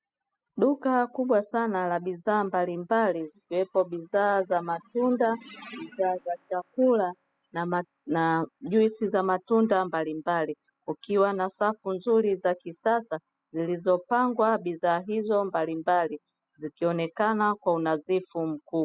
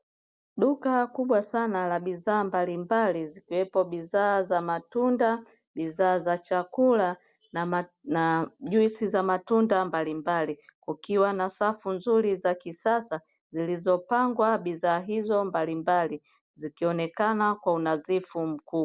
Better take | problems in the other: second | noise reduction (classical method spectral subtraction)

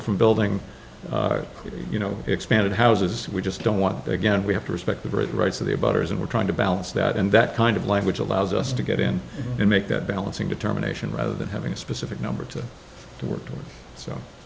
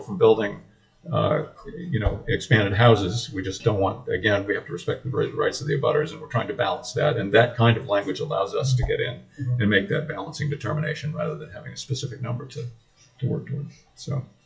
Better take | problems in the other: first | noise reduction (classical method WPE with log-MMSE)

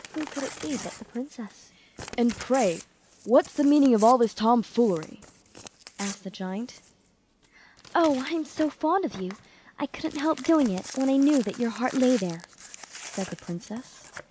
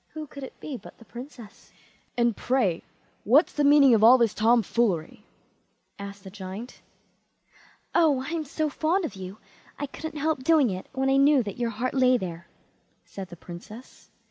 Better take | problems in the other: second | background sound (Crumpling, crinkling / Tearing); 18 dB below the speech

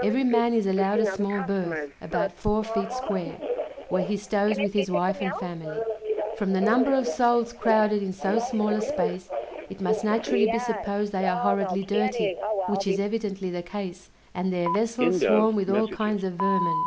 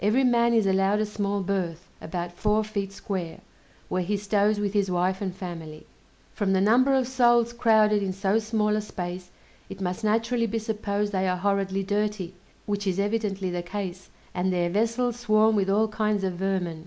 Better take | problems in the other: second | background sound (Telephone); 3 dB below the speech

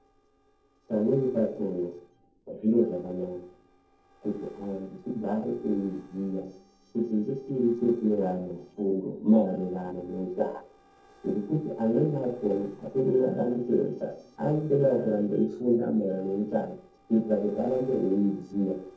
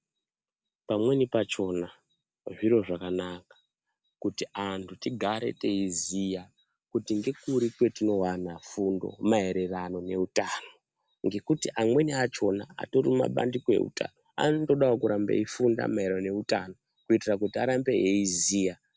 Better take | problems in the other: second | noise reduction (neural separator model SepFormer DNS4)

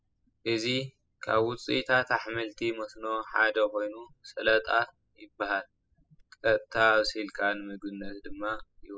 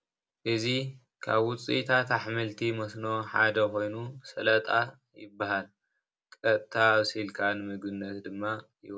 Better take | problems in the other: second | noise reduction (classical method spectral subtraction)

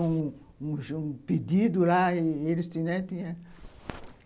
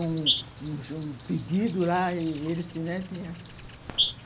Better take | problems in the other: first | background sound (Insect); 4 dB below the speech

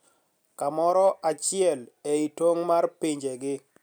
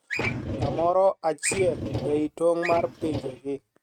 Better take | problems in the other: first | noise reduction (neural mask model RNNoise)

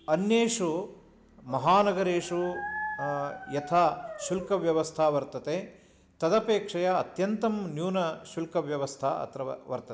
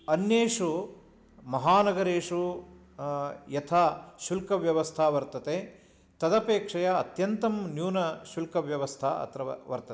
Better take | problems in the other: second | background sound (Dog); 11 dB below the speech

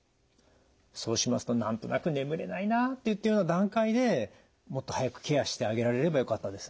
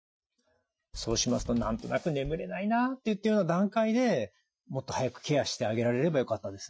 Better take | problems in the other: first | noise reduction (classical method Wiener filter)

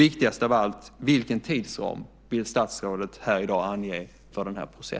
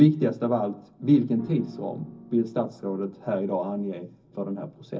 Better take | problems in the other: first | background sound (Piano); 19 dB below the speech // room echo; dies away in 0.4 s

